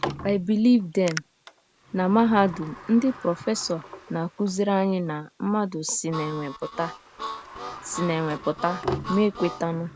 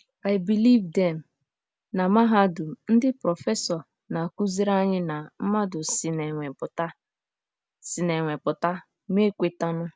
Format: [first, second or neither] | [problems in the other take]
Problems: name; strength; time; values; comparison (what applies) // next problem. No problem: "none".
second | background sound (Sliding door + Harmonica); 12 dB below the speech